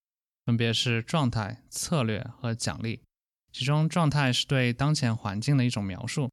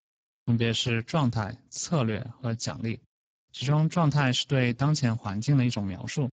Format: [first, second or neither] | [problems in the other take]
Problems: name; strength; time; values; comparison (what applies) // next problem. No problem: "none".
first | garbled, watery; badly; nothing above 7.5 kHz